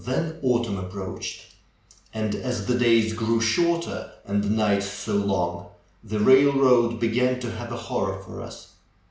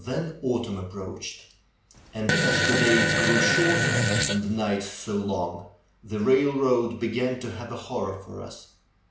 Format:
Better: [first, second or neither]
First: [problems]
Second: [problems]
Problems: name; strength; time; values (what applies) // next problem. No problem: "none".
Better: first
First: none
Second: background sound (Fart); 4 dB above the speech